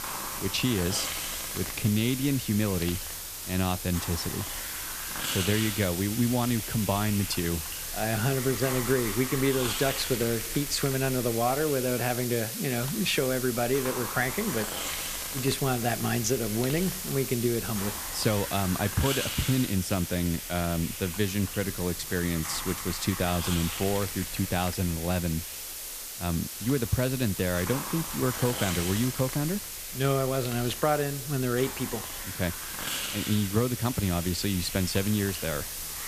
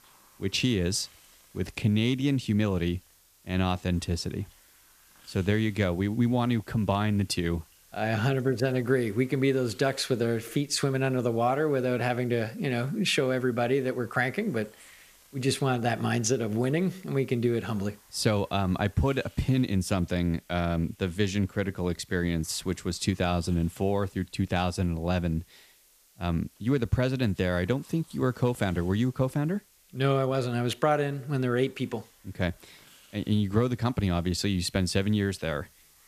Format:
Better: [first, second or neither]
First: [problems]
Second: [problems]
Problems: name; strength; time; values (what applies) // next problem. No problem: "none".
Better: second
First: hiss; loud; throughout; 4 dB below the speech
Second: hiss; faint; throughout; 30 dB below the speech